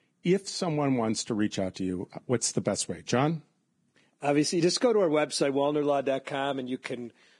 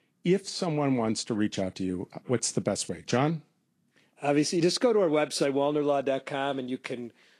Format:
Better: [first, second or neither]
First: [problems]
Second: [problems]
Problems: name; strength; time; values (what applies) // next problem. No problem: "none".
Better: second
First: garbled, watery; badly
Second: garbled, watery; slightly